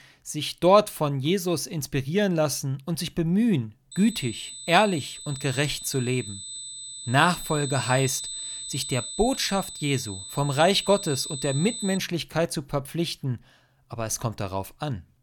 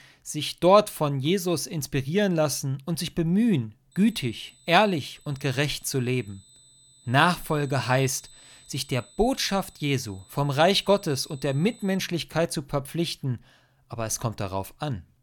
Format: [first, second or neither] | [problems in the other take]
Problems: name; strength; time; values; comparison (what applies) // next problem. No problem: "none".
second | high-pitched whine; loud; from 4 to 12 s; 8 kHz, 9 dB below the speech; faint in the second